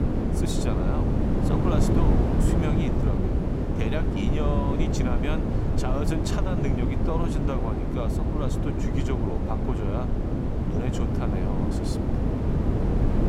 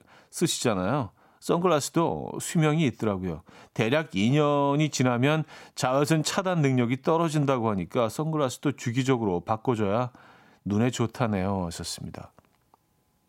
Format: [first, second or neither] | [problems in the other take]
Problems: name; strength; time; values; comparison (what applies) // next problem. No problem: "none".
second | wind noise on the microphone; heavy; 2 dB above the speech